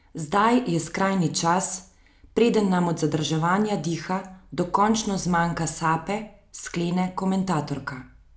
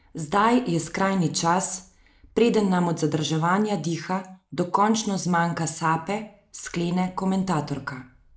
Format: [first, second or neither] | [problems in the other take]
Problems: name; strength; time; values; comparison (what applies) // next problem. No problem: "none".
first | noise reduction (neural mask model Resemble Enhance denoiser)